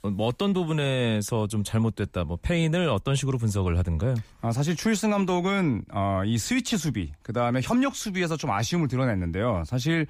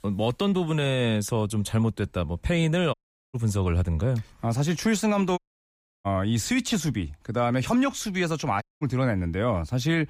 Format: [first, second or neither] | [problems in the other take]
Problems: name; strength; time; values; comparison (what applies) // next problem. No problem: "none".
first | audio cutting out; at 3 s, at 5.5 s for 0.5 s and at 8.5 s